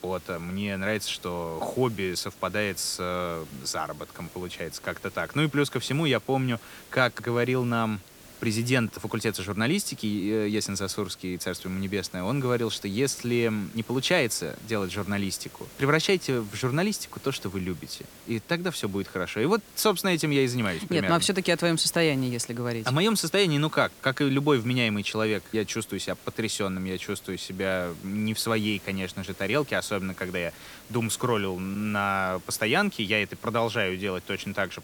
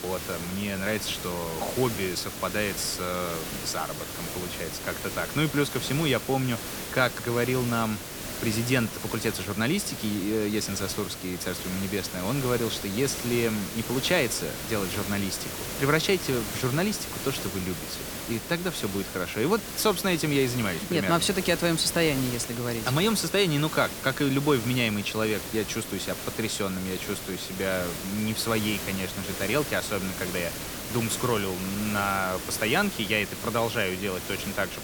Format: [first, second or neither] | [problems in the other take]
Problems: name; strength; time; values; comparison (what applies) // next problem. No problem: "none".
first | hiss; loud; throughout; 6 dB below the speech; faint in the first